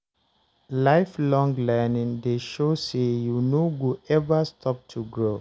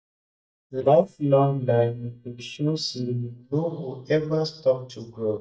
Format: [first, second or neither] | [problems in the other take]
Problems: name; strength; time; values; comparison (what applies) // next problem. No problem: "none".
first | noise reduction (neural mask model DeepFilterNet 3)